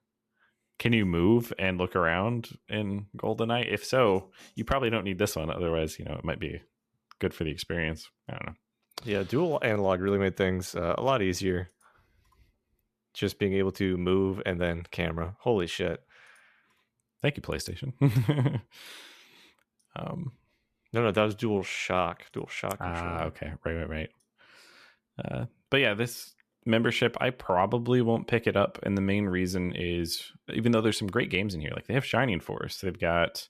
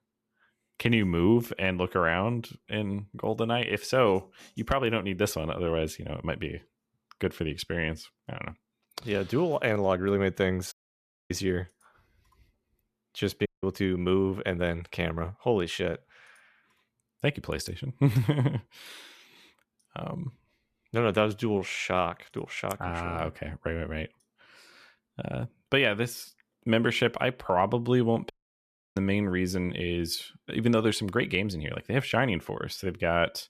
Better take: first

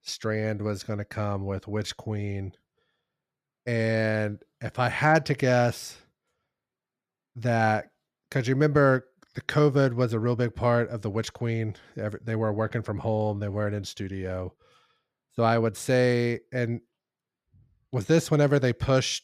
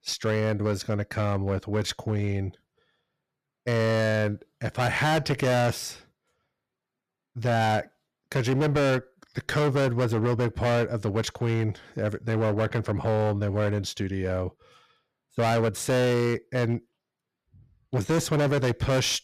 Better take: first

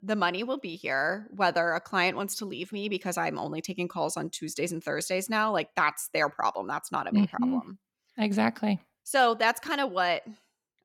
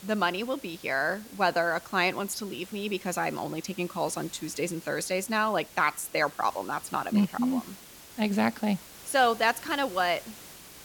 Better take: first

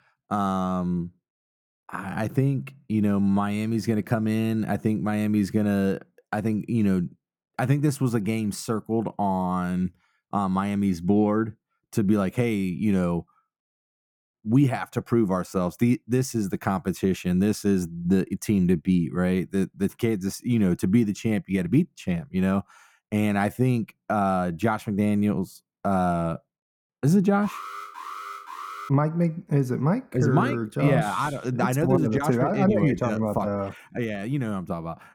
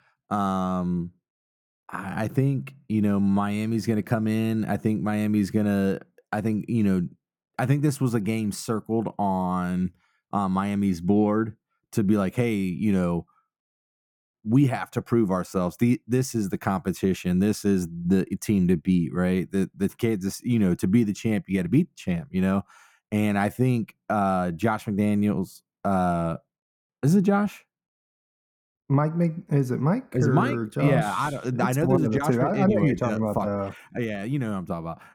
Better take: second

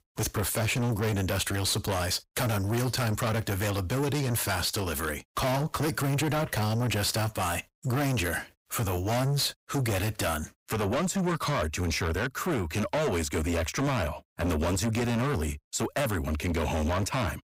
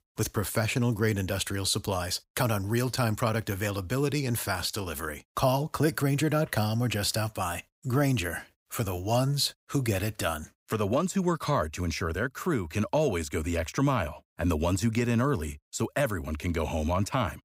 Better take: second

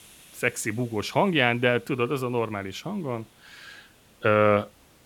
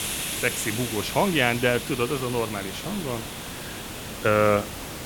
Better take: first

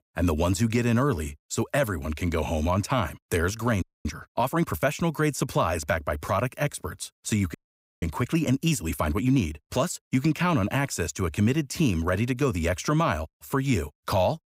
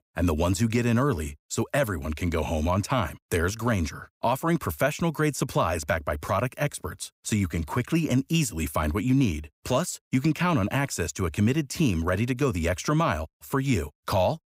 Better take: second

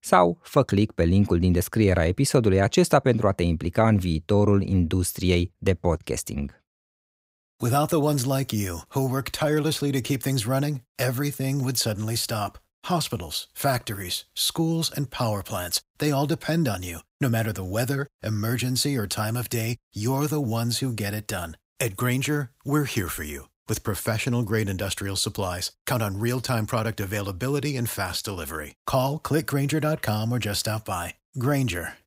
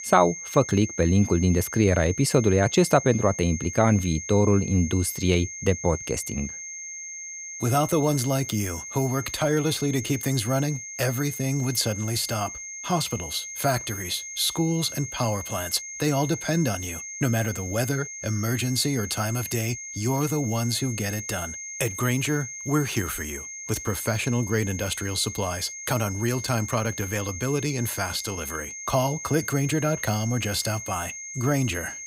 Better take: first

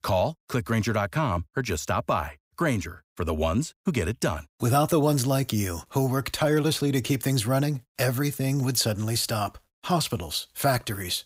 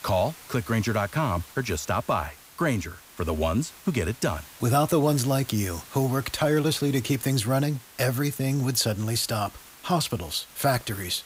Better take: first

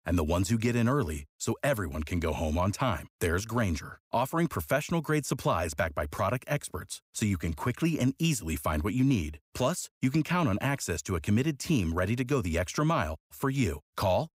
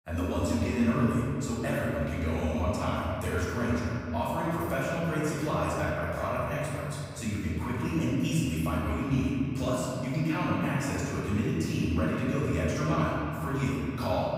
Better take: first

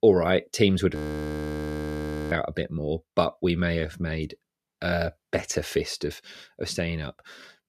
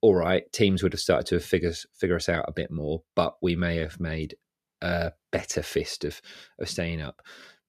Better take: second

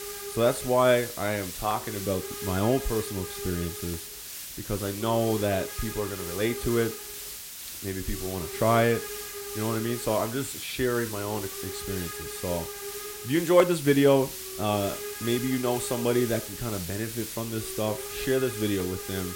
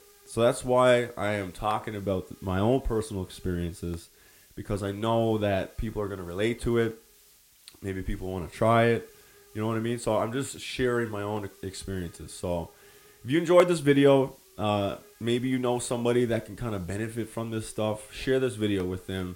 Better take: second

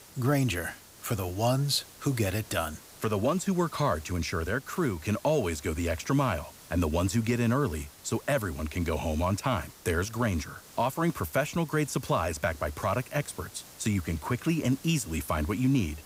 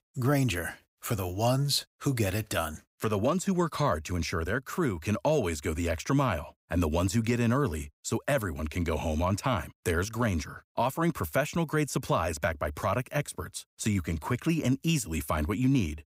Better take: second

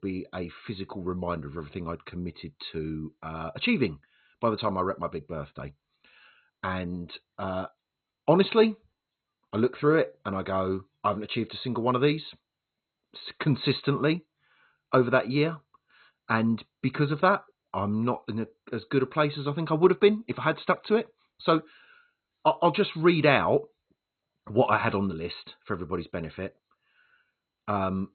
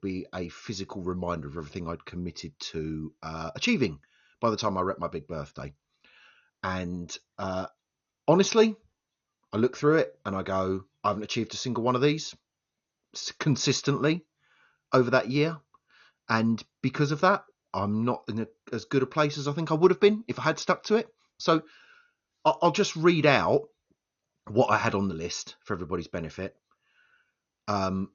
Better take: second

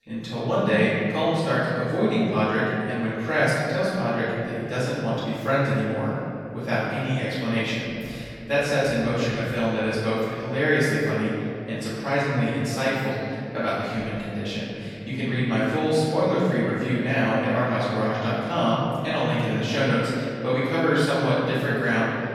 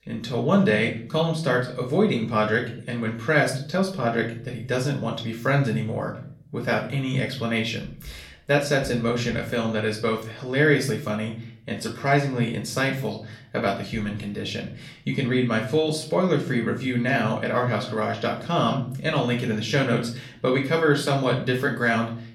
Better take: second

